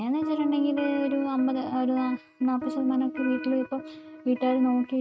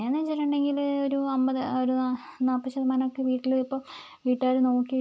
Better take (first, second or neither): second